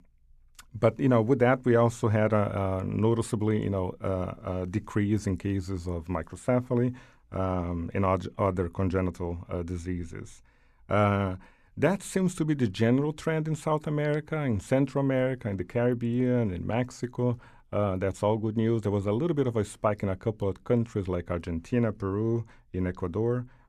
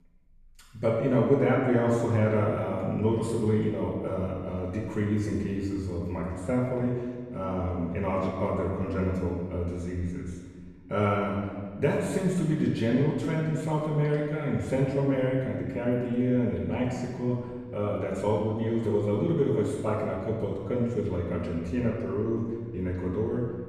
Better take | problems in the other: first | off-mic speech; far // room echo; noticeable; dies away in 1.5 s

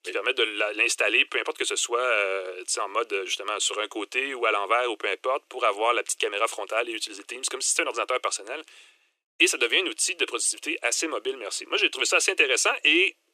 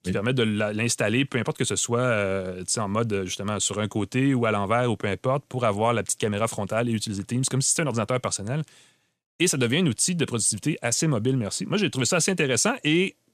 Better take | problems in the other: second | thin; very; fading below 350 Hz

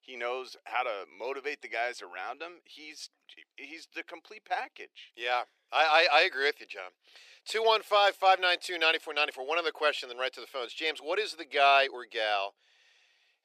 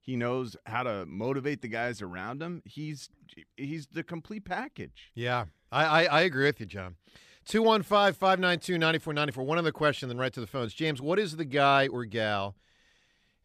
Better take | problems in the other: second | thin; very; fading below 400 Hz

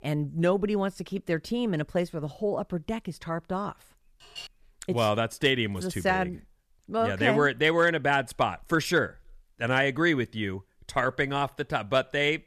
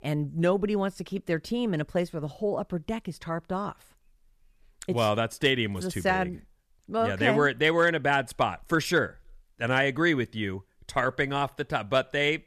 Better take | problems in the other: second | clattering dishes; faint; at 4 s; peak 15 dB below the speech

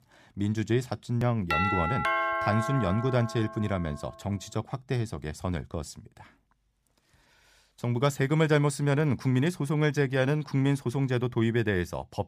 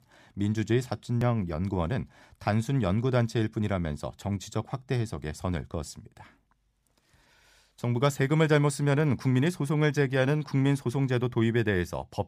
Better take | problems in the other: second | doorbell; loud; from 1.5 to 3.5 s; peak 2 dB above the speech

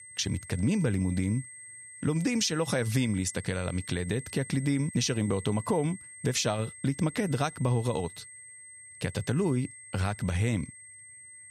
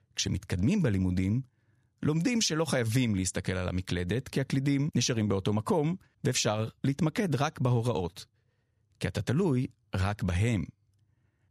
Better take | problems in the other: second | high-pitched whine; noticeable; throughout; 8.5 kHz, 15 dB below the speech

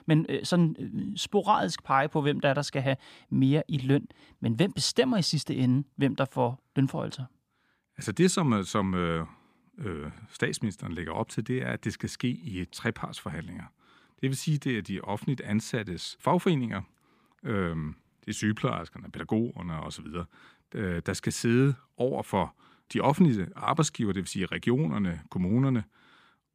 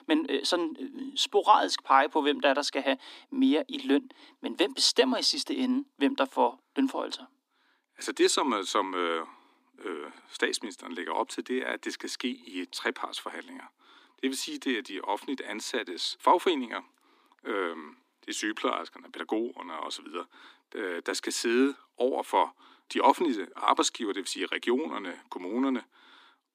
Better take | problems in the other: first | thin; somewhat; fading below 250 Hz

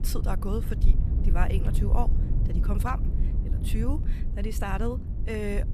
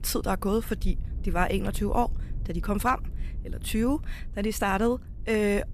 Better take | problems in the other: second | low rumble; loud; throughout; 8 dB below the speech; faint in the second

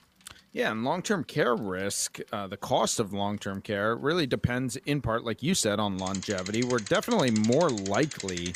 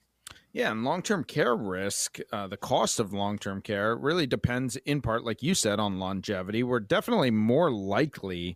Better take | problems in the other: second | traffic noise; loud; throughout; 10 dB below the speech

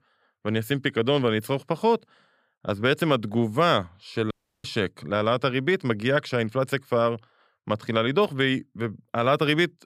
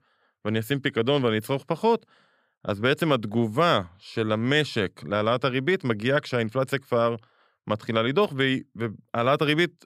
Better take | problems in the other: second | audio cutting out; at 4.5 s

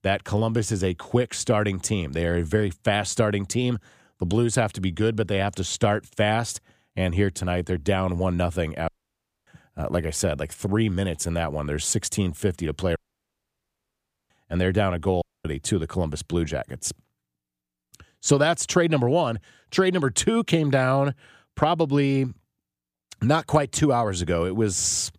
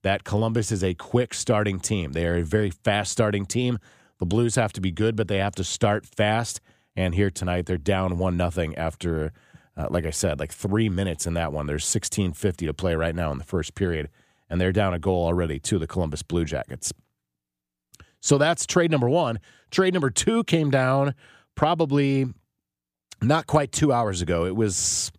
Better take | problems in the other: second | audio cutting out; at 9 s for 0.5 s, at 13 s for 1.5 s and at 15 s

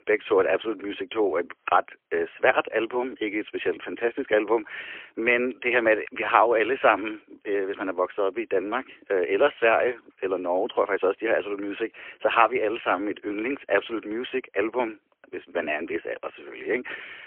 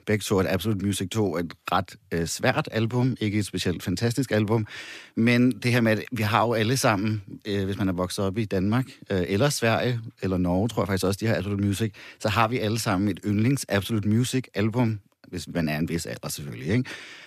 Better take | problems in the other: second | phone-call audio; poor line

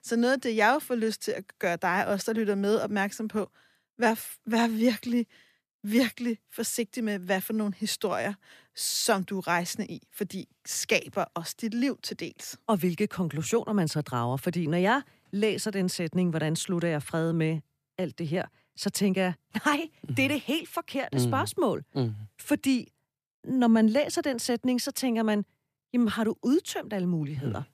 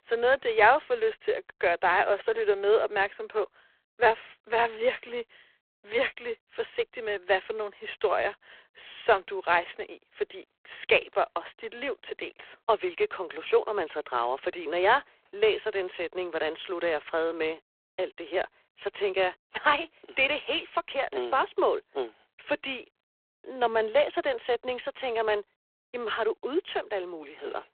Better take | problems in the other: first | phone-call audio; poor line

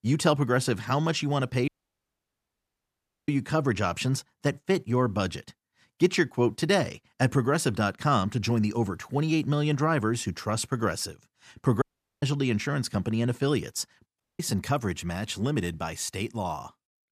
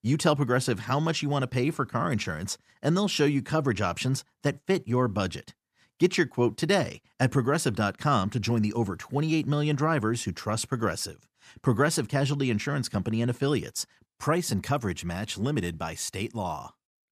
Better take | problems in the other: second | audio cutting out; at 1.5 s for 1.5 s, at 12 s and at 14 s

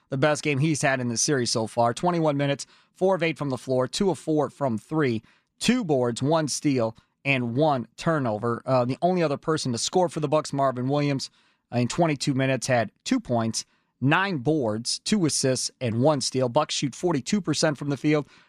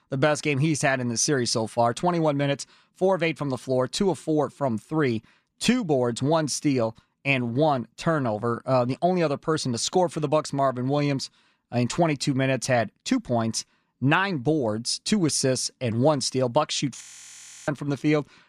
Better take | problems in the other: first | audio freezing; at 17 s for 0.5 s

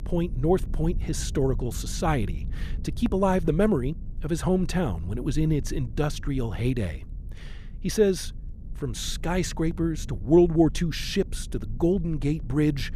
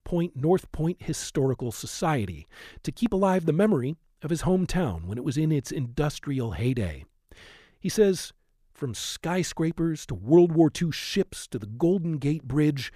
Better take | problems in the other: second | low rumble; faint; throughout; 25 dB below the speech

